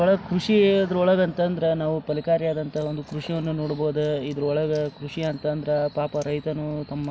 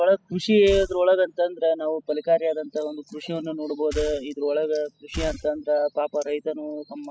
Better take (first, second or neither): first